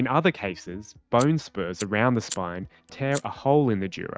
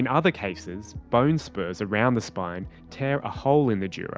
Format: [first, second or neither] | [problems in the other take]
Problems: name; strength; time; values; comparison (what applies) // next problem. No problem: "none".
second | noise reduction (neural mask model RNNoise)